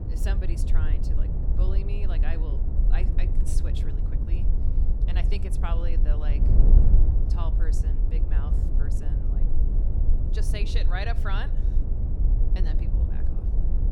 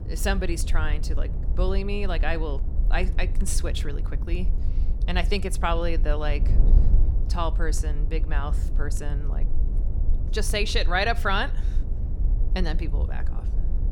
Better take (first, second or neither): second